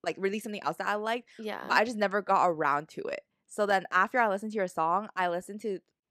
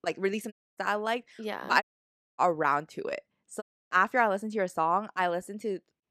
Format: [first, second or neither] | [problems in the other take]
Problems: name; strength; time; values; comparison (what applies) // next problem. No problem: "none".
first | audio cutting out; at 0.5 s, at 2 s for 0.5 s and at 3.5 s